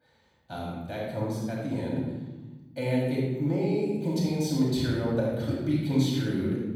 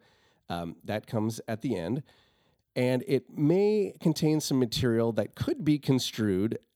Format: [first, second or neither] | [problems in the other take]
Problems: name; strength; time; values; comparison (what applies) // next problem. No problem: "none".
second | room echo; strong; dies away in 1.2 s // off-mic speech; far